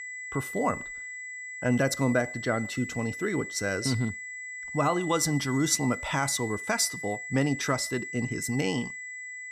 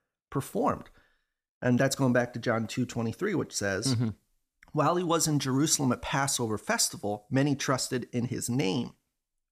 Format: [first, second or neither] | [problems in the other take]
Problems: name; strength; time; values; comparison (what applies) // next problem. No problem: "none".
second | high-pitched whine; loud; throughout; 2 kHz, 8 dB below the speech